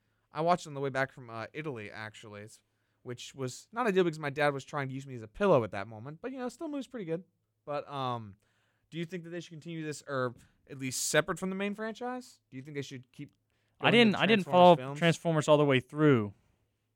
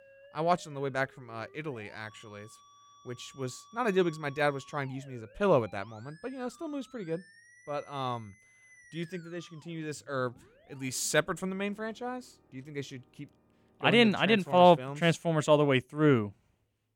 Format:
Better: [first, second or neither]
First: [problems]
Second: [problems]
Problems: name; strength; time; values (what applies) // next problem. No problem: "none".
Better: first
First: none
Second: background music; faint; throughout; 30 dB below the speech